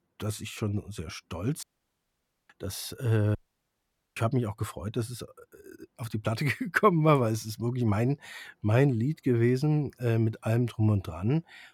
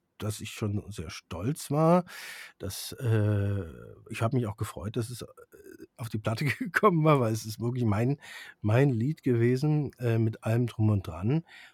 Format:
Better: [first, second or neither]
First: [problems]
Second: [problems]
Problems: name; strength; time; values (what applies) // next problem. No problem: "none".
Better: second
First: audio cutting out; at 1.5 s for 1 s and at 3.5 s for 1 s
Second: none